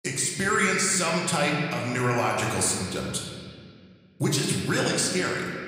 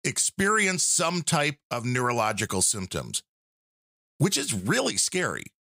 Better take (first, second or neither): second